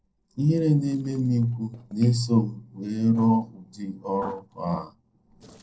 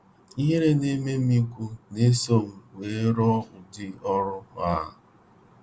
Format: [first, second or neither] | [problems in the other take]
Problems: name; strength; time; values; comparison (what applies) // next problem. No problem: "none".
second | noise reduction (neural separator model SepFormer DNS4)